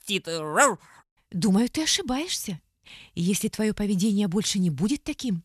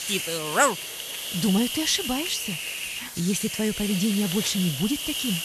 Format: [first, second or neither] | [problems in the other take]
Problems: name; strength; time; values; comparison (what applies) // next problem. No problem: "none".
first | hiss; loud; throughout; 4 dB below the speech